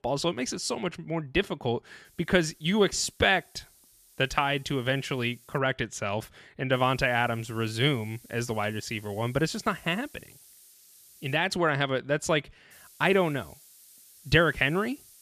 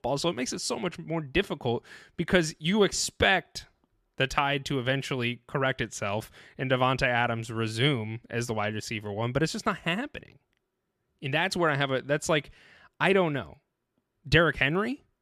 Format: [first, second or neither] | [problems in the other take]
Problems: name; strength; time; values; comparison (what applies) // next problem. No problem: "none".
second | hiss; faint; from 2 to 5.5 s, from 6.5 to 11 s and from 13 s on; 25 dB below the speech